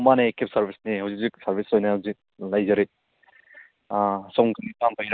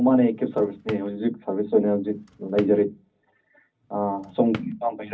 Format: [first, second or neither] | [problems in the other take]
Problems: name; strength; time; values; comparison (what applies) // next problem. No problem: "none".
first | background sound (Drawer open or close); 19 dB below the speech // room echo; dies away in 0.4 s